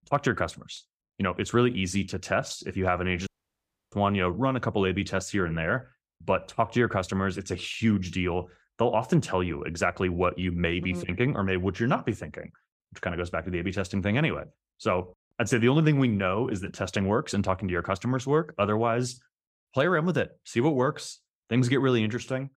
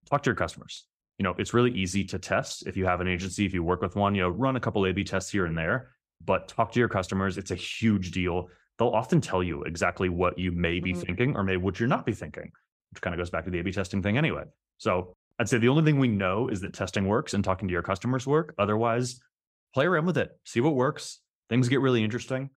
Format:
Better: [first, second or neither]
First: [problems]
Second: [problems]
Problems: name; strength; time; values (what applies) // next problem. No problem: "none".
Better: second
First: audio cutting out; at 3.5 s for 0.5 s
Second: none